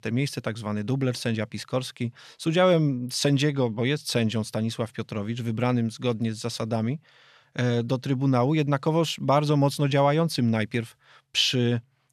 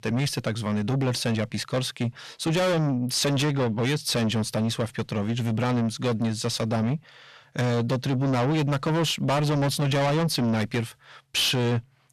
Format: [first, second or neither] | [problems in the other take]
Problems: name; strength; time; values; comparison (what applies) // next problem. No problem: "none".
first | distortion; heavy; 6 dB below the speech